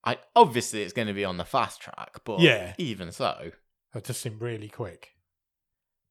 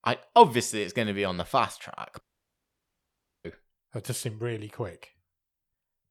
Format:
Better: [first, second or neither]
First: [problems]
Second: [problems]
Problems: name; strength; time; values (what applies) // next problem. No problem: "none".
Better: first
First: none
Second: audio cutting out; at 2 s for 1 s